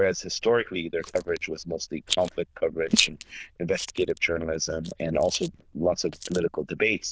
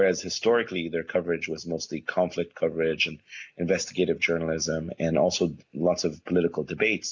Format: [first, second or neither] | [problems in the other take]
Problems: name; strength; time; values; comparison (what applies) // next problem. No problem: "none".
second | noise reduction (neural diffusion model UNIVERSE++)